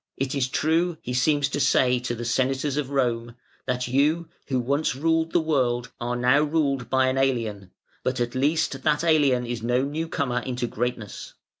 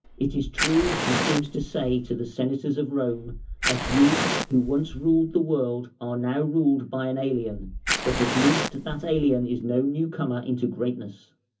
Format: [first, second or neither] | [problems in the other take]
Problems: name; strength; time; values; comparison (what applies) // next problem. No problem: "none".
first | background sound (Fire); 4 dB below the speech // room echo; dies away in 0.3 s